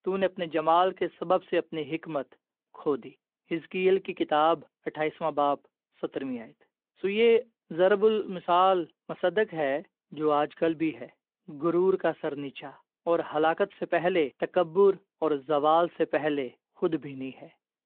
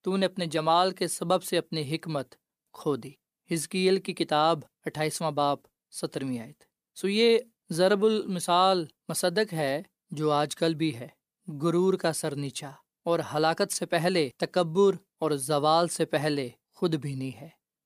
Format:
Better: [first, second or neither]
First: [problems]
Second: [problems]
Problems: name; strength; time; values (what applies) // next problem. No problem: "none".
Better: second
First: phone-call audio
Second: none